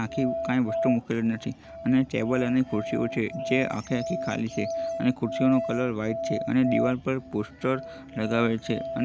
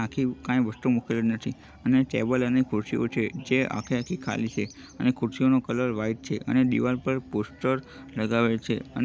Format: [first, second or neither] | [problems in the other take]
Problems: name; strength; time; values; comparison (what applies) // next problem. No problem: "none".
second | background sound (Musical instrument); 7 dB below the speech